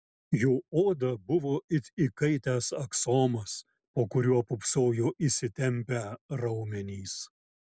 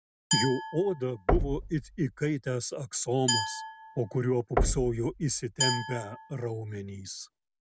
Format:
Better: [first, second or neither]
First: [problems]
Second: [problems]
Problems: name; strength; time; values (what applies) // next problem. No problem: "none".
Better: first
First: none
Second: background sound (Glass + Knock); 2 dB below the speech